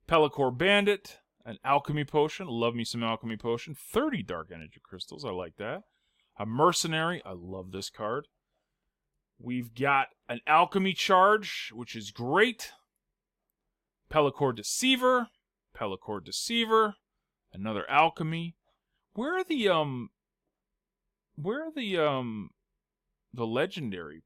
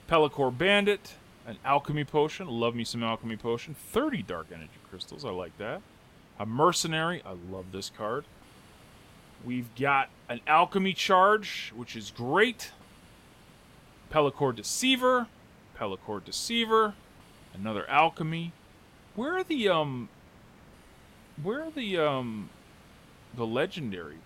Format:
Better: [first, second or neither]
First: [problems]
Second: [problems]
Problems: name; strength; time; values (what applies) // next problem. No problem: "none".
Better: first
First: none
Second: hiss; faint; throughout; 25 dB below the speech